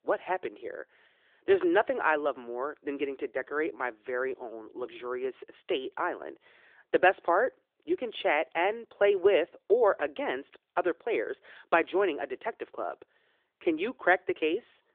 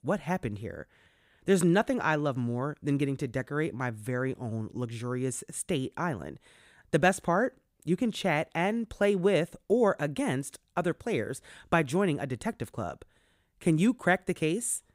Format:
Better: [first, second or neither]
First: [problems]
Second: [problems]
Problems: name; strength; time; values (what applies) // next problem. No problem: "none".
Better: second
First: phone-call audio; nothing above 3.5 kHz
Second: none